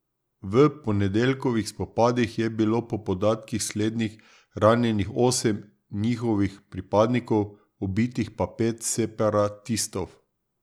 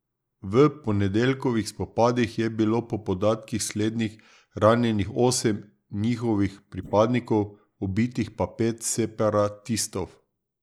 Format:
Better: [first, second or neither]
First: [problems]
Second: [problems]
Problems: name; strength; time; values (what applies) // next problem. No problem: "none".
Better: first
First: none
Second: noise reduction (neural mask model Resemble Enhance denoiser)